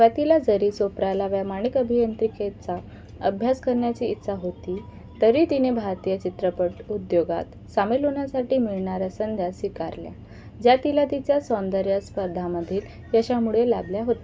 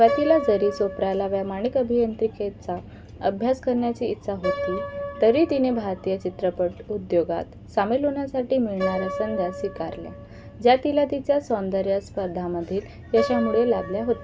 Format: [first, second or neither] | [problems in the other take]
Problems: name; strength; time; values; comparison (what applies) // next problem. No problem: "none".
first | background sound (Piano); 11 dB below the speech